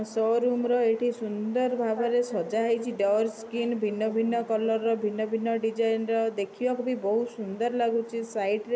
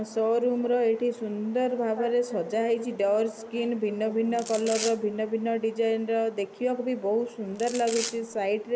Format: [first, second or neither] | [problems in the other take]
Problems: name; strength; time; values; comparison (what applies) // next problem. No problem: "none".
first | background sound (Domestic sounds, home sounds); 11 dB below the speech